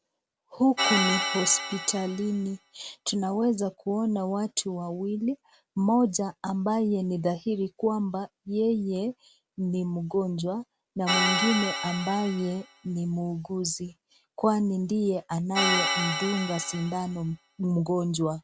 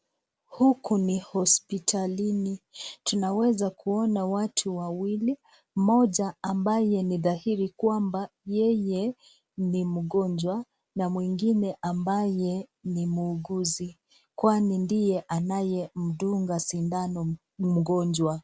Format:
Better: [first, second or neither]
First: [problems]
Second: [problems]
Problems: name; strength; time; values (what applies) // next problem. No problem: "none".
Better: second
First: background sound (Organ); 2 dB below the speech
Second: none